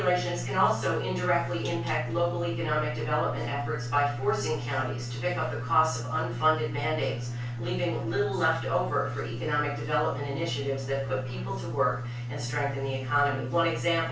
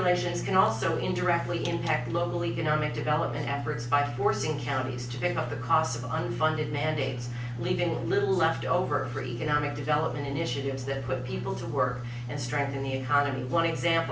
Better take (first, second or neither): second